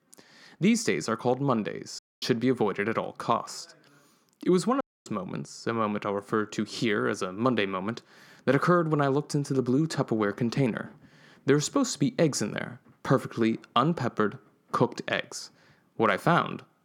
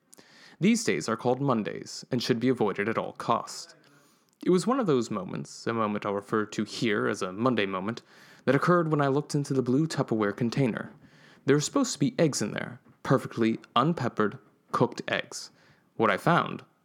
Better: second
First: audio cutting out; at 2 s and at 5 s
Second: none

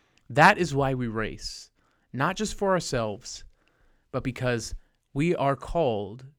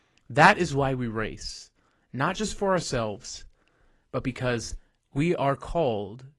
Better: first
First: none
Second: garbled, watery; slightly

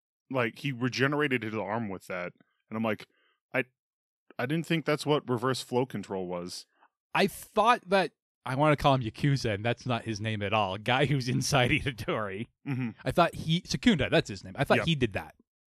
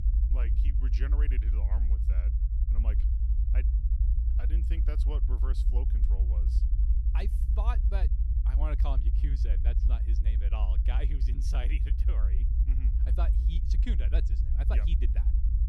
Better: first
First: none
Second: low rumble; loud; throughout; 3 dB below the speech

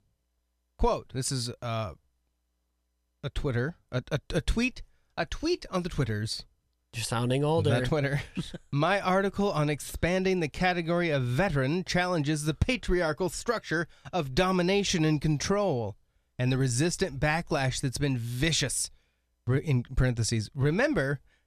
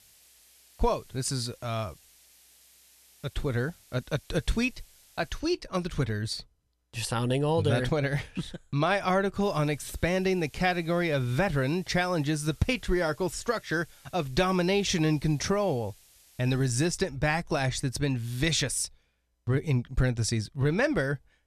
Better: first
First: none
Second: hiss; faint; until 5.5 s and from 9.5 to 17 s; 25 dB below the speech

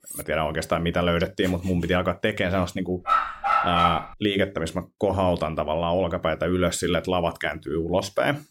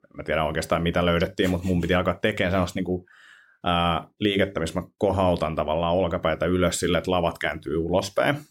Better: second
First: clattering dishes; faint; at the start; peak 10 dB below the speech // dog barking; loud; at 3 s; peak 4 dB above the speech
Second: none

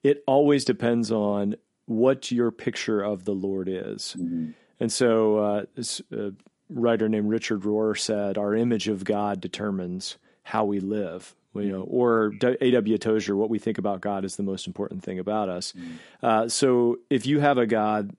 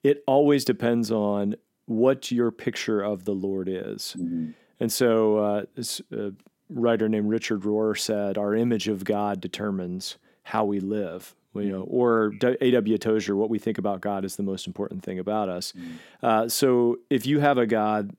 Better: second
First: garbled, watery; slightly; nothing above 11 kHz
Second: none

